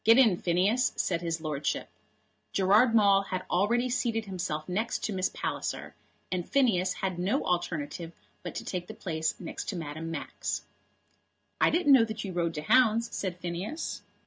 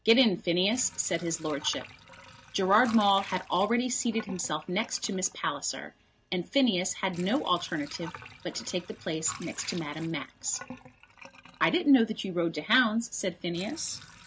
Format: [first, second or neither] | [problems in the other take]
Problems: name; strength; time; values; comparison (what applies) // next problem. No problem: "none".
first | background sound (Sink (filling or washing) / Water); 19 dB below the speech